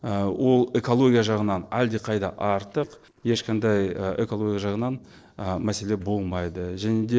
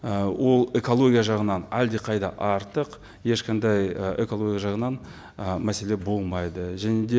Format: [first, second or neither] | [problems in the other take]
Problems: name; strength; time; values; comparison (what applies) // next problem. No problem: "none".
second | noise reduction (neural separator model SepFormer DNS4)